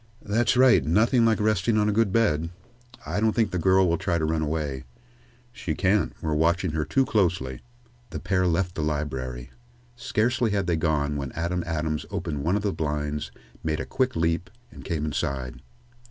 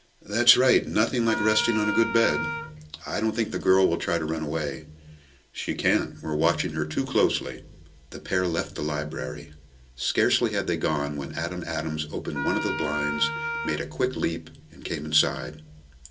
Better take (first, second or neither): first